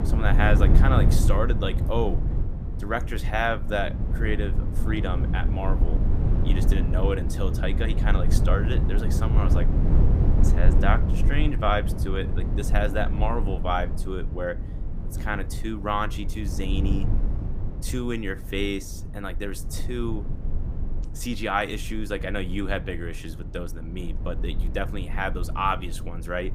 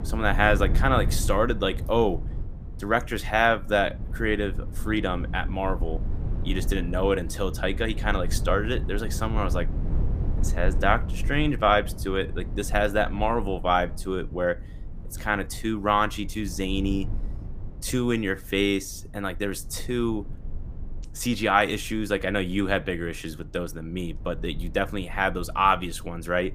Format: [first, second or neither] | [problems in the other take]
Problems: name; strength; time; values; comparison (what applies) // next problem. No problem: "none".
second | low rumble; loud; throughout; 9 dB below the speech; faint in the second